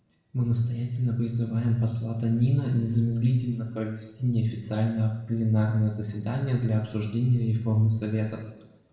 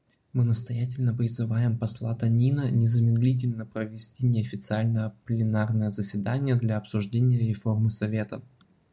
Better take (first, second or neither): second